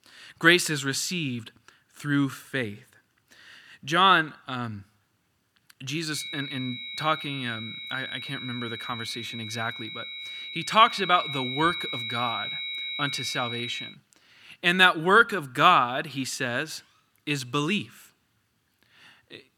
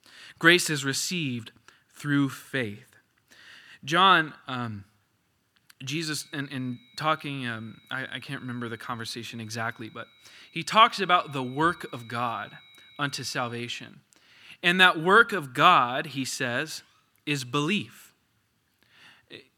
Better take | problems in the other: second | high-pitched whine; loud; from 6 to 14 s; 4 kHz, 8 dB below the speech; faint in the second

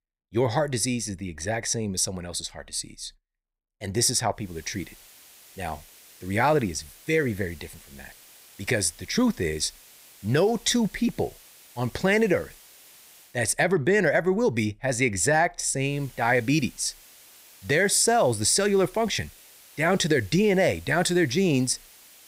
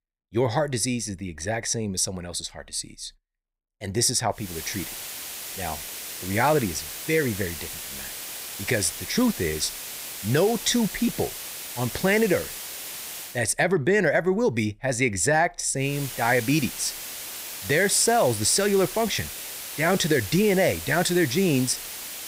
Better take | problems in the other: first | hiss; loud; from 4.5 to 13 s and from 16 s on; 9 dB below the speech; faint in the first

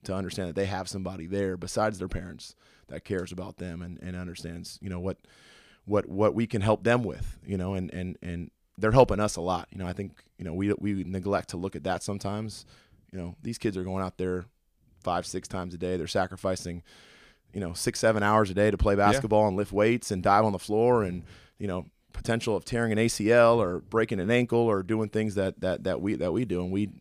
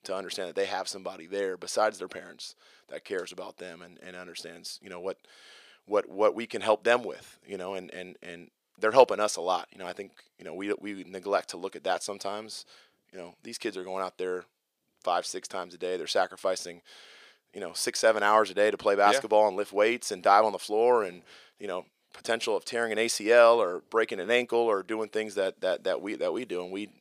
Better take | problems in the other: first | thin; somewhat; fading below 500 Hz

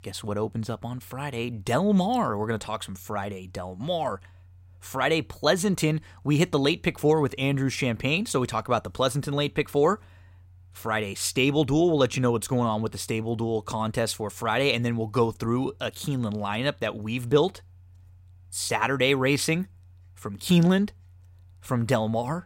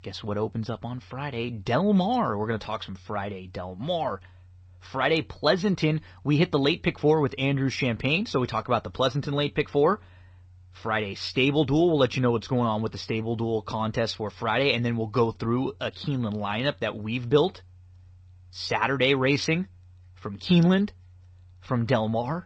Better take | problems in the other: first | garbled, watery; slightly

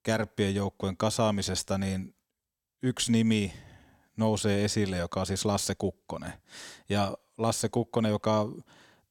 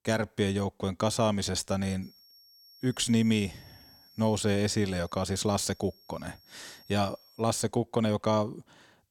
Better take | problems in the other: first | high-pitched whine; faint; from 2 to 7.5 s; 5.5 kHz, 25 dB below the speech

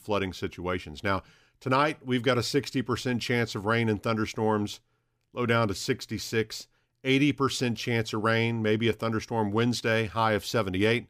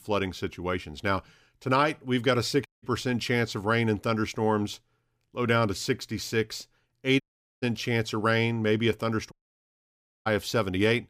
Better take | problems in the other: first | audio cutting out; at 2.5 s, at 7 s and at 9.5 s for 1 s

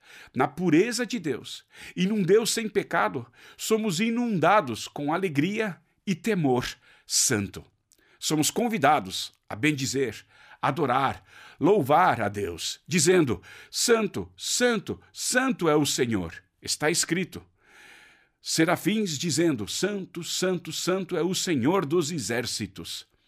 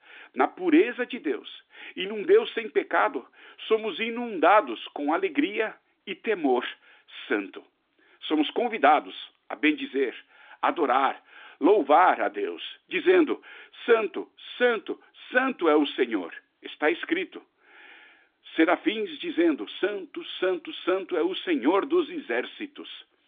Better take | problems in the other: first | phone-call audio

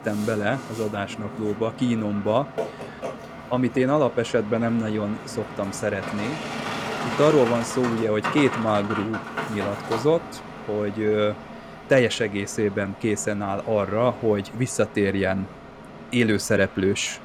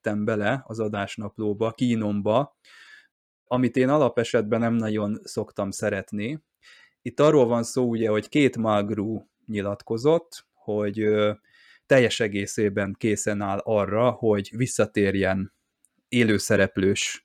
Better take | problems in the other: second | train or aircraft noise; loud; throughout; 10 dB below the speech

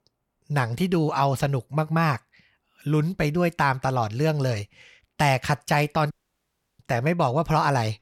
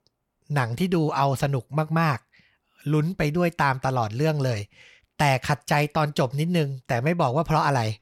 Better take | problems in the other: second | audio cutting out; at 6 s for 0.5 s

